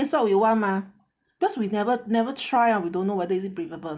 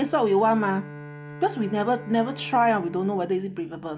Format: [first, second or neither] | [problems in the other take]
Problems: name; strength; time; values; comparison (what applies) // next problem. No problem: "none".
first | background sound (Bowed string instrument); 16 dB below the speech